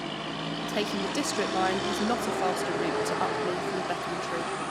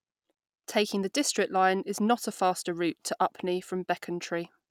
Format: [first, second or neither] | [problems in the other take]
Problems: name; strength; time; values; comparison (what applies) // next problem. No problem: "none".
second | background sound (Motor vehicle (road)); 3 dB above the speech